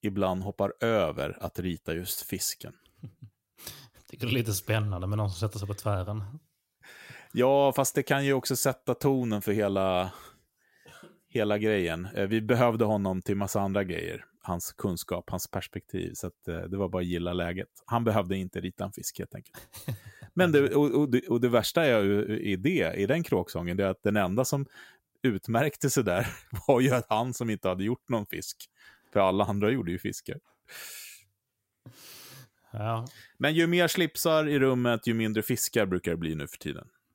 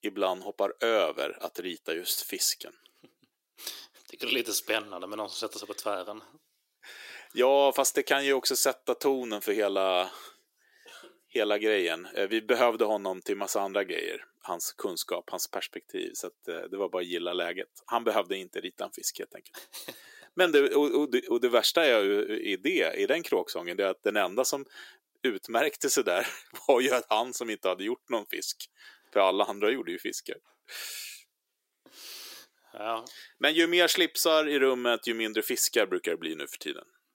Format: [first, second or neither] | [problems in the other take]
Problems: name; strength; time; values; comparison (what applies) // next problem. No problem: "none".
first | thin; somewhat; fading below 350 Hz